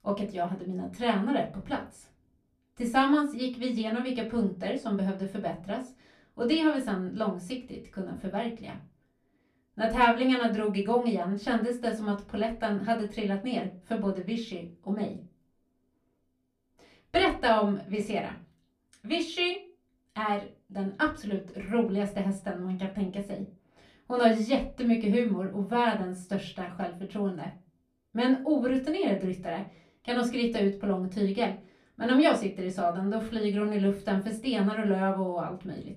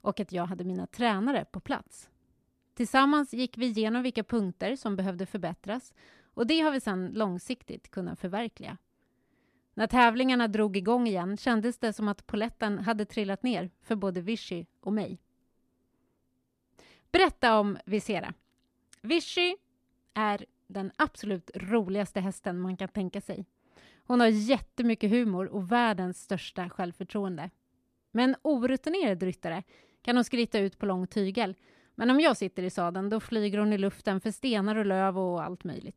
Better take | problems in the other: second | off-mic speech; far // room echo; very slight; dies away in 0.3 s

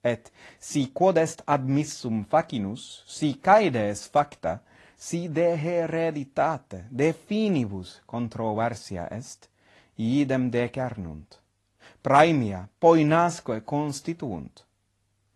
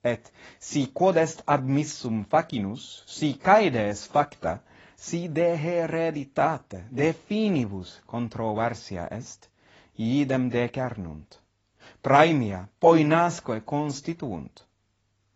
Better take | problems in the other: first | garbled, watery; badly; nothing above 7.5 kHz; slightly in the first

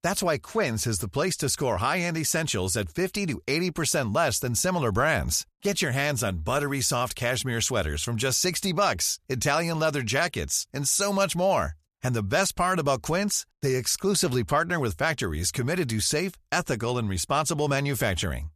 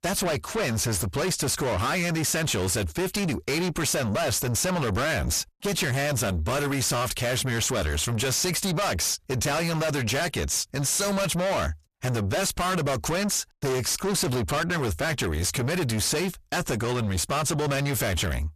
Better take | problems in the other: first | distortion; heavy; 5 dB below the speech

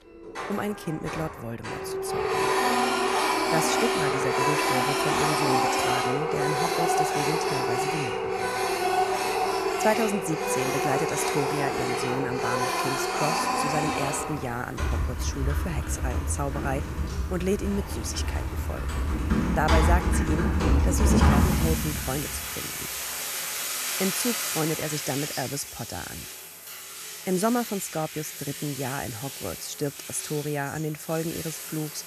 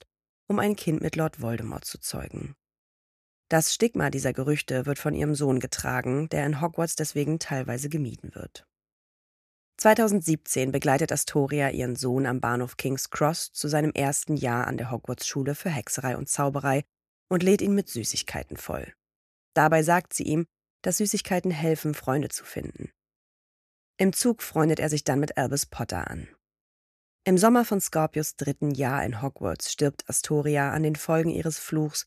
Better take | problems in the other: second | household noises; very loud; throughout; 4 dB above the speech

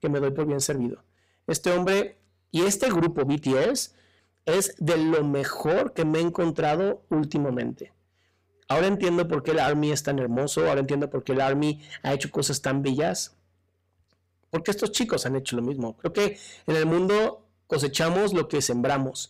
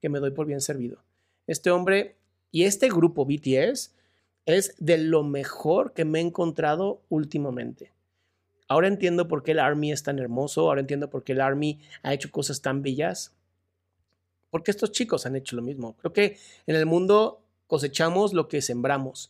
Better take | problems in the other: second | distortion; heavy; 7 dB below the speech

